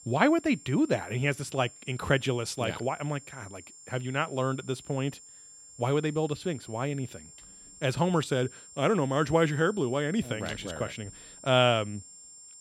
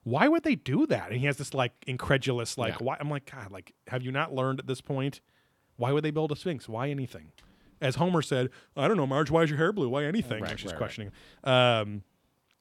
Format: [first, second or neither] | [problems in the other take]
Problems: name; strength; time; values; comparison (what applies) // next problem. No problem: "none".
second | high-pitched whine; noticeable; throughout; 7.5 kHz, 20 dB below the speech